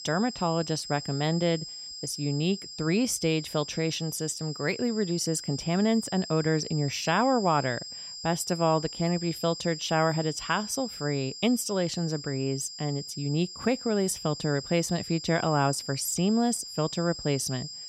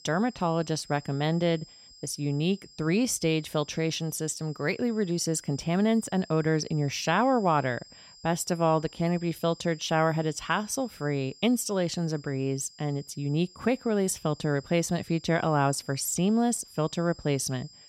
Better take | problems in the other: second | high-pitched whine; loud; throughout; 5 kHz, 10 dB below the speech; faint in the second

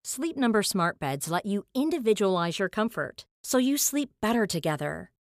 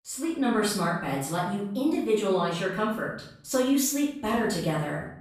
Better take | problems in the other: first | off-mic speech; far // room echo; noticeable; dies away in 0.6 s

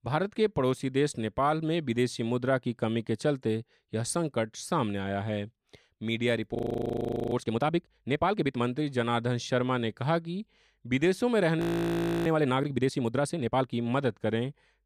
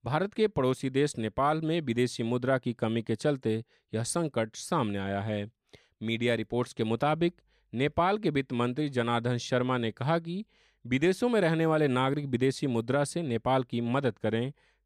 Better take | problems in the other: second | audio freezing; at 6.5 s for 1 s and at 12 s for 0.5 s

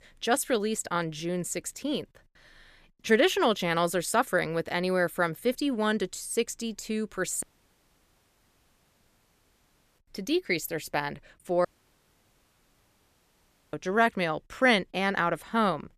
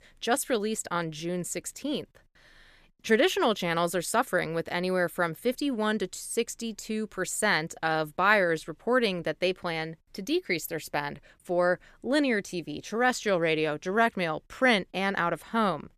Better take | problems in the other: second | audio cutting out; at 7.5 s for 2.5 s and at 12 s for 2 s

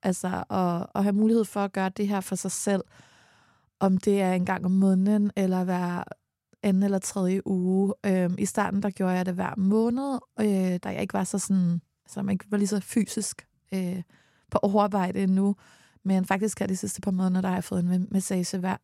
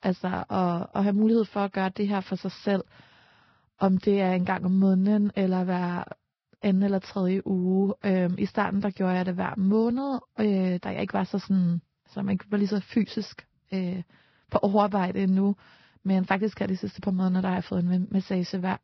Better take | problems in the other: first | garbled, watery; badly; nothing above 5.5 kHz

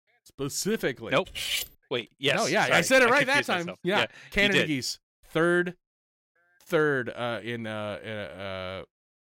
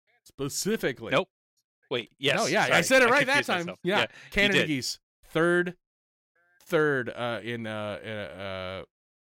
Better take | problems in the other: second | clattering dishes; noticeable; at 1.5 s; peak 3 dB below the speech

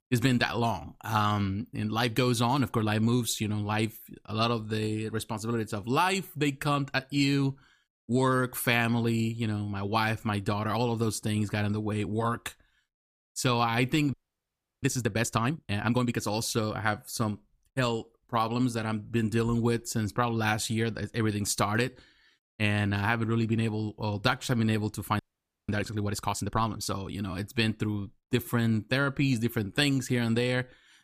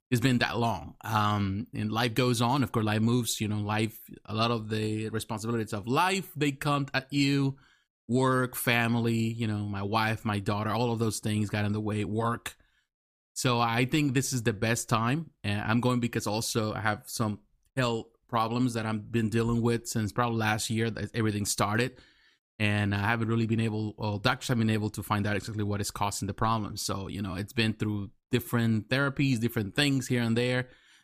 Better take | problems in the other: second | audio freezing; at 14 s for 0.5 s and at 25 s

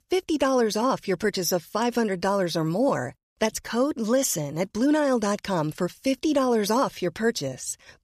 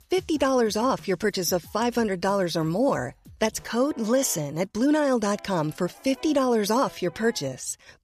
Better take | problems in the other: first | background music; faint; throughout; 25 dB below the speech

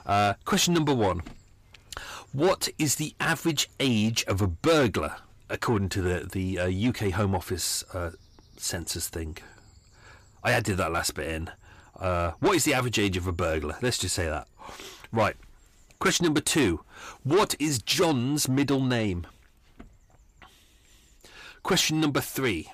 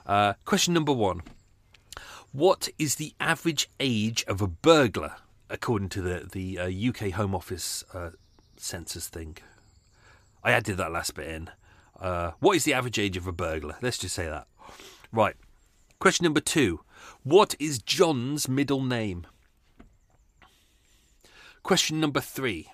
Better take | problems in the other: second | distortion; heavy; 8 dB below the speech

